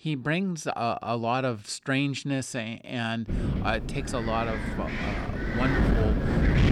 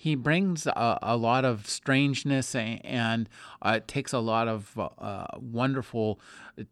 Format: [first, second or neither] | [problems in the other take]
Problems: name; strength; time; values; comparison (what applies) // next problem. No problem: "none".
second | wind noise on the microphone; heavy; from 3.5 s on; 2 dB below the speech